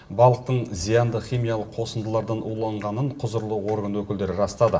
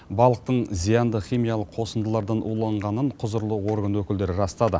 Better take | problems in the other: second | room echo; dies away in 0.7 s

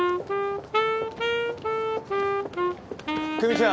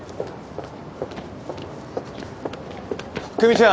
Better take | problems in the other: second | background sound (Wind instrument, woodwind instrument); 4 dB above the speech

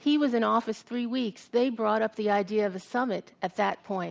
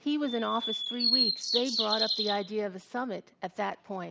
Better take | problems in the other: first | background sound (Bird vocalization, bird call, bird song); 2 dB above the speech

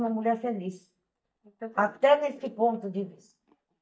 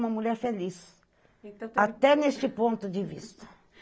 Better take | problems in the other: second | noise reduction (neural mask model DeepFilterNet 3)

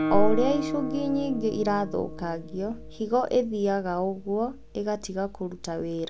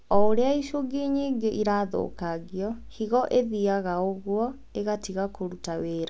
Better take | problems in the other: second | background sound (Guitar); 9 dB below the speech

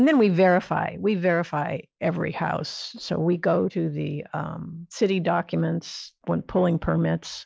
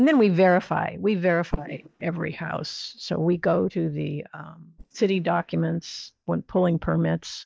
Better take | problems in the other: first | noise reduction (neural mask model DeepFilterNet 3)

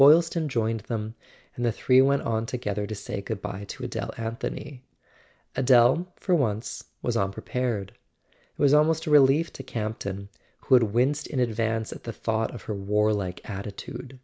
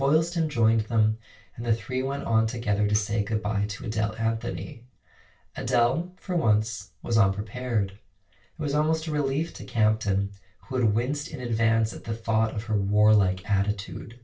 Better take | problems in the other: first | background sound (Tambourine); 15 dB below the speech // room echo; dies away in 0.2 s

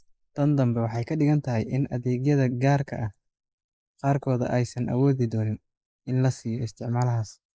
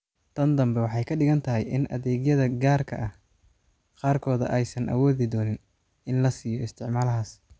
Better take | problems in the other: second | noise reduction (neural mask model Resemble Enhance denoiser)

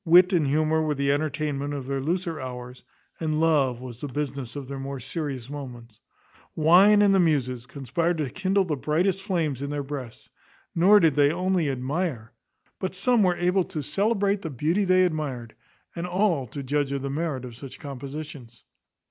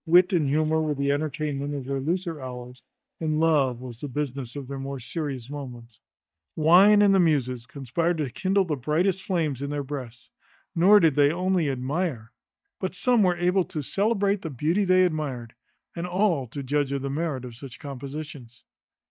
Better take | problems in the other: first | noise reduction (neural mask model DeepFilterNet 3)

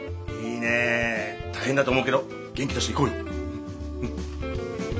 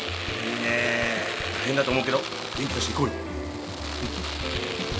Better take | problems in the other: first | background sound (Domestic sounds, home sounds); 4 dB below the speech

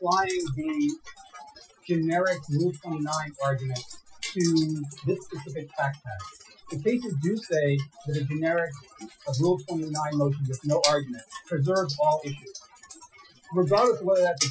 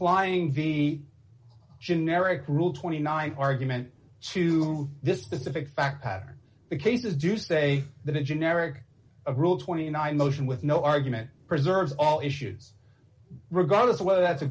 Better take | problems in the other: second | noise reduction (classical method Wiener filter)

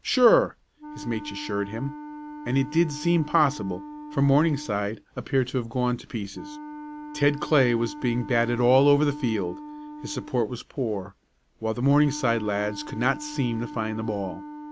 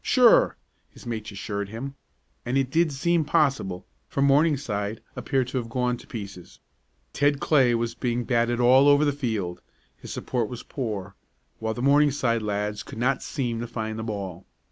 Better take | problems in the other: second | background sound (Wind instrument, woodwind instrument); 14 dB below the speech

